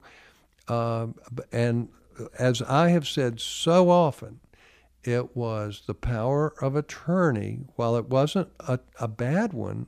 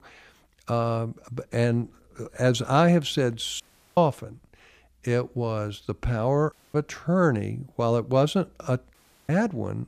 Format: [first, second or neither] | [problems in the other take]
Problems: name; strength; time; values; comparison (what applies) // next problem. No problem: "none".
first | audio cutting out; at 3.5 s, at 6.5 s and at 9 s